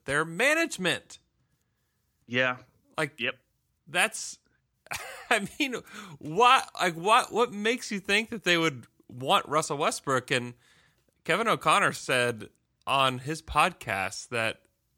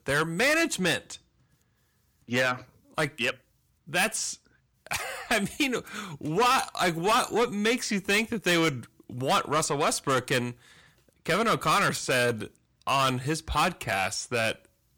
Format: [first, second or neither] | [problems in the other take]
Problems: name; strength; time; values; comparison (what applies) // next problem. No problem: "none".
first | distortion; heavy; 6 dB below the speech